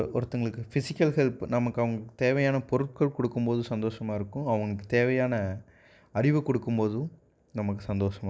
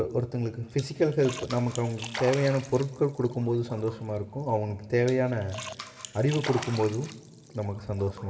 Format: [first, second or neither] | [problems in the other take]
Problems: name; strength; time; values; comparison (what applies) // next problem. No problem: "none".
first | background sound (Splash, splatter); 14 dB below the speech // room echo; dies away in 2.4 s